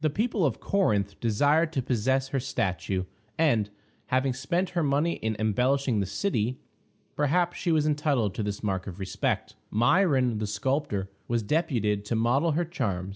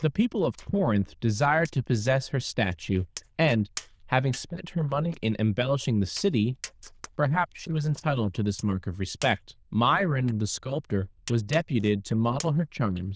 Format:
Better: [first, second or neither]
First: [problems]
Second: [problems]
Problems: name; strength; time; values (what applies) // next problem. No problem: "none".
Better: first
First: none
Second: noise reduction (neural diffusion model UNIVERSE++)